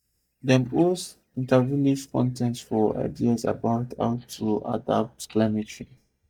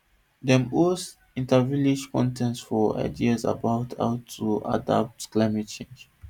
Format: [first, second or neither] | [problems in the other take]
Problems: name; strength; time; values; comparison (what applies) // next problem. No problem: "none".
second | noise reduction (neural mask model DeepFilterNet 3)